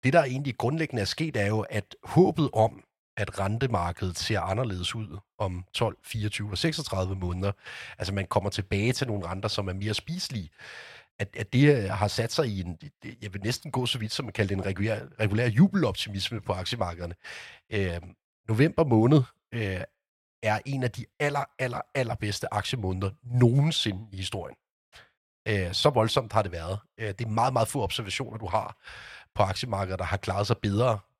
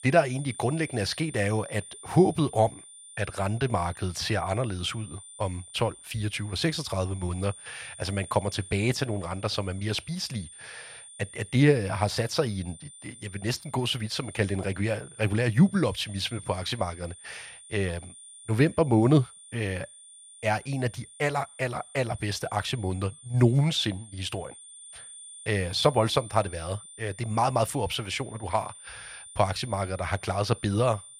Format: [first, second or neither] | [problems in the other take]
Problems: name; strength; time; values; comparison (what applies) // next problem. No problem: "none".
first | high-pitched whine; noticeable; throughout; 9 kHz, 15 dB below the speech